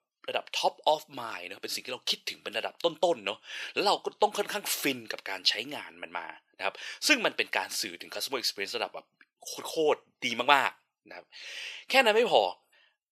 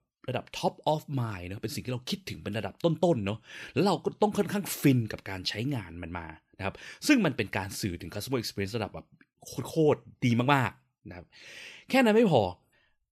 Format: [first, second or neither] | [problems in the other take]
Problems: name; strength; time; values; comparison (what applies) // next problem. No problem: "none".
second | thin; very; fading below 600 Hz